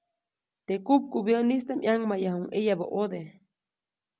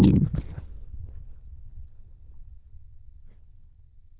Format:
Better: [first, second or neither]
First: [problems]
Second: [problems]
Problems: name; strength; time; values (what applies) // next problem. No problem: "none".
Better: first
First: none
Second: noise reduction (neural diffusion model UNIVERSE++)